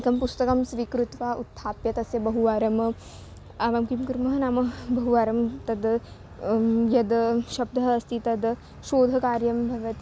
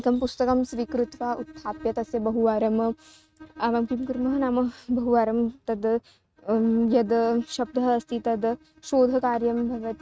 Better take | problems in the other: first | noise reduction (neural mask model RNNoise)

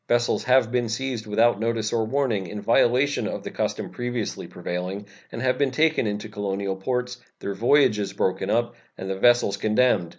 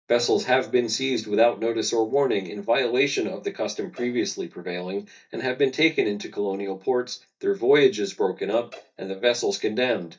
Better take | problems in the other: first | noise reduction (neural mask model DeepFilterNet 3)

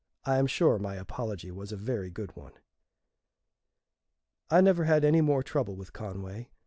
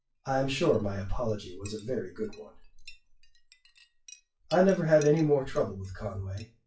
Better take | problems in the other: first | noise reduction (classical method WPE with log-MMSE)

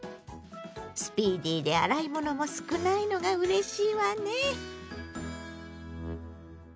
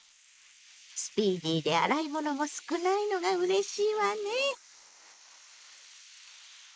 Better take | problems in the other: first | noise reduction (neural mask model Resemble Enhance denoiser)

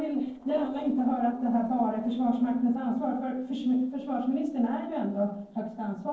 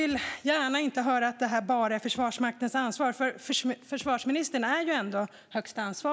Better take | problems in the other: second | noise reduction (neural separator model SepFormer DNS4)

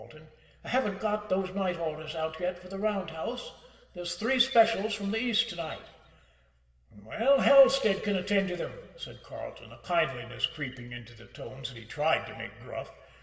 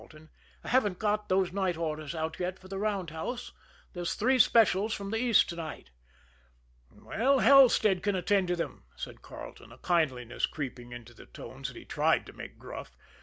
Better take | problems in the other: second | room echo; dies away in 1.4 s

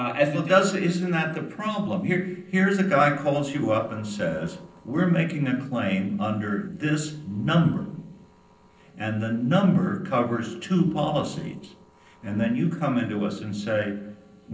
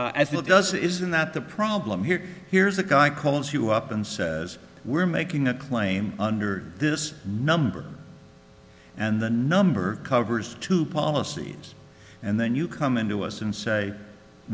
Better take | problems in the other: second | noise reduction (neural separator model SepFormer DNS4)

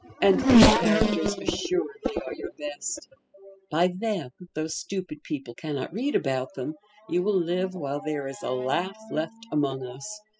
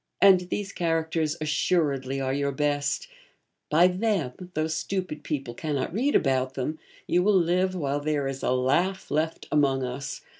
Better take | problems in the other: second | noise reduction (classical method spectral subtraction)

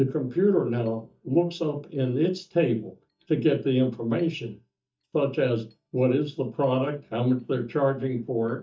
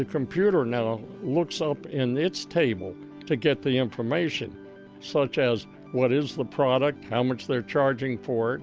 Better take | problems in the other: second | noise reduction (neural mask model DeepFilterNet 3)

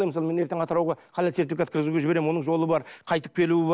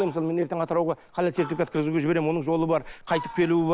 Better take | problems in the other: first | background sound (Fowl); 18 dB below the speech

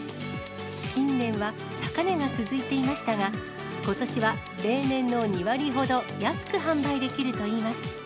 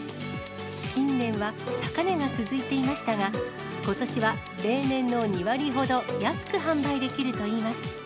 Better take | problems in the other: first | background sound (Bowed string instrument); 14 dB below the speech

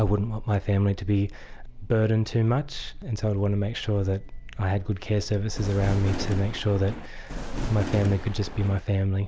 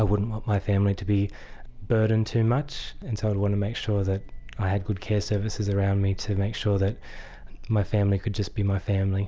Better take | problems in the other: second | background sound (Thunder); 7 dB below the speech

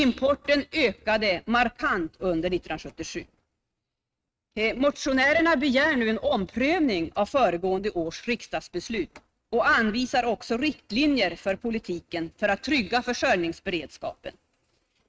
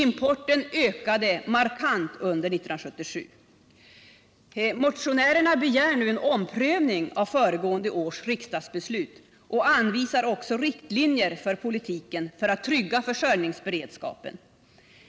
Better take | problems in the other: second | noise reduction (neural mask model RNNoise)

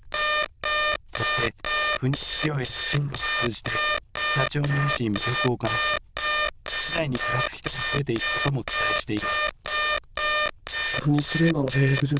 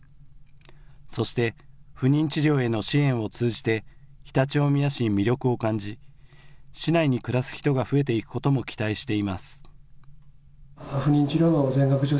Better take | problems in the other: second | noise reduction (neural diffusion model UNIVERSE++)

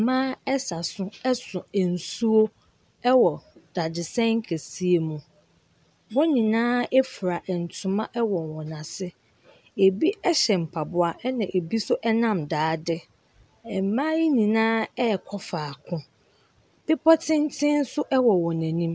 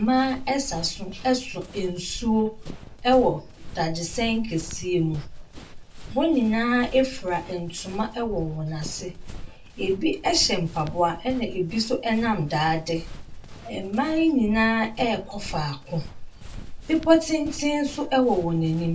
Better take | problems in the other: first | background sound (Run); 12 dB below the speech // room echo; dies away in 0.2 s

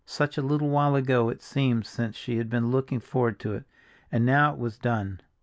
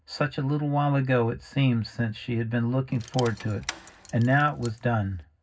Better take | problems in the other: first | background sound (Rattle / Keys jangling); 17 dB below the speech // room echo; dies away in 0.4 s

